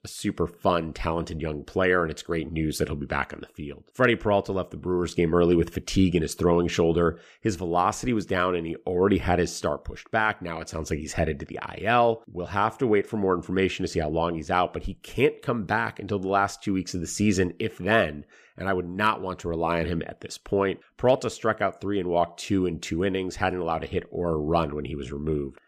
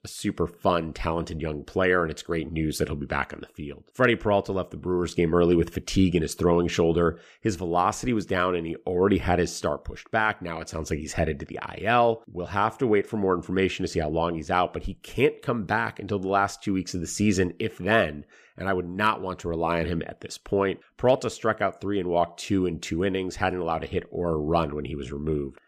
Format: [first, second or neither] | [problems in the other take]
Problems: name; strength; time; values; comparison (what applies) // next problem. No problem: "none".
neither | none